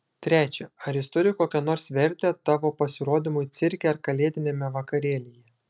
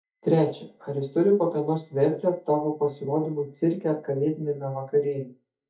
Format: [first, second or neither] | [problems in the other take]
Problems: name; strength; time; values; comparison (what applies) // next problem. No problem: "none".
first | noise reduction (neural mask model DeepFilterNet 3)